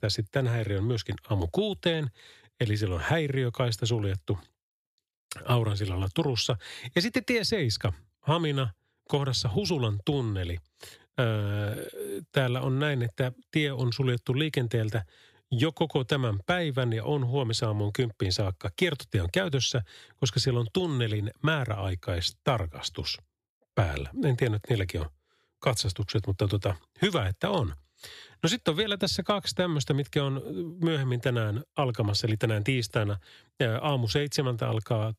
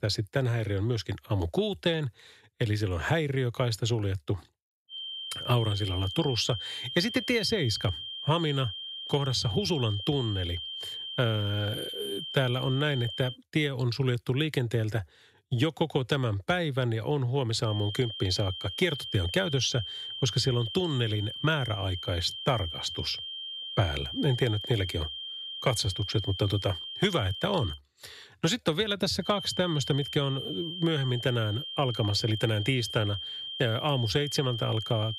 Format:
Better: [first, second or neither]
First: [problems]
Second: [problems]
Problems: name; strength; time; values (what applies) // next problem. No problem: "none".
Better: first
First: none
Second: high-pitched whine; loud; from 5 to 13 s, from 18 to 28 s and from 29 s on; 3 kHz, 6 dB below the speech